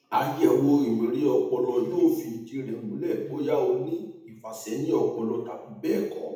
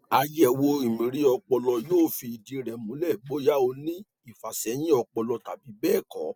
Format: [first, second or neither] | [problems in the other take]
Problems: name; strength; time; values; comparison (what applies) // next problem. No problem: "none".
second | room echo; dies away in 0.8 s